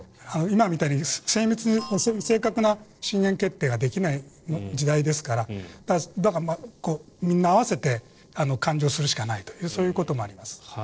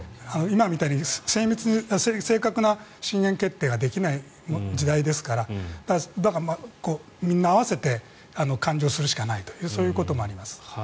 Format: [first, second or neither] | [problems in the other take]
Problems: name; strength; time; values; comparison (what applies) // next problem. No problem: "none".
second | noise reduction (neural separator model SepFormer DNS4)